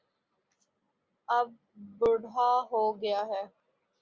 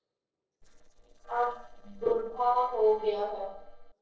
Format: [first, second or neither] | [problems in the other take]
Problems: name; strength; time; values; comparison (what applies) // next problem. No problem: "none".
first | noise reduction (neural separator model SepFormer DNS4)